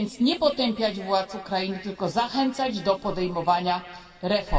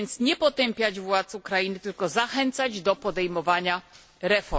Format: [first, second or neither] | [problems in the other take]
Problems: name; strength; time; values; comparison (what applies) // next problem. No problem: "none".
second | room echo; dies away in 2 s